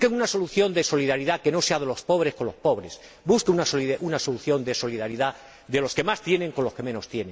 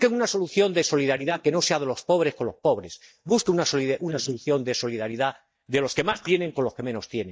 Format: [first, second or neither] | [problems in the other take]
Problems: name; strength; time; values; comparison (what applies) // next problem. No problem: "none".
first | noise reduction (neural mask model DeepFilterNet 3)